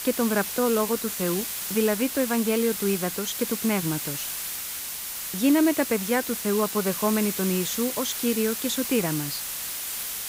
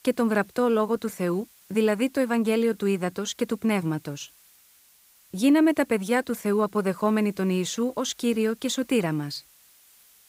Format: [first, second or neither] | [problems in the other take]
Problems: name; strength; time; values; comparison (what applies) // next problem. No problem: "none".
second | hiss; loud; throughout; 4 dB below the speech; faint in the second